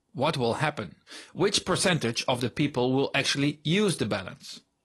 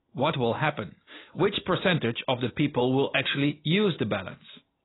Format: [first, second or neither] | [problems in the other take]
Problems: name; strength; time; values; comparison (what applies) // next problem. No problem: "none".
first | garbled, watery; badly; nothing above 4 kHz; slightly in the first